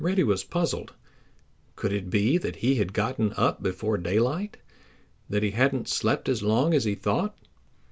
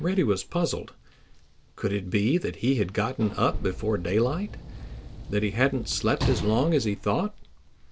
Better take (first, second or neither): first